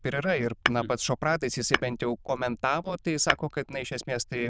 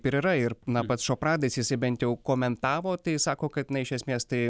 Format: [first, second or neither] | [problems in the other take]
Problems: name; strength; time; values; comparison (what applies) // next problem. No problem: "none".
second | noise reduction (neural diffusion model UNIVERSE++)